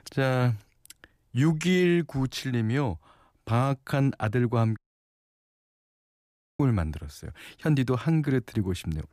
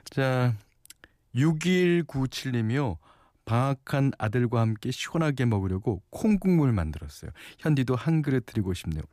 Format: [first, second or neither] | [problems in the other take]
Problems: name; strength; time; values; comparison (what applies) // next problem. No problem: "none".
second | audio cutting out; at 5 s for 2 s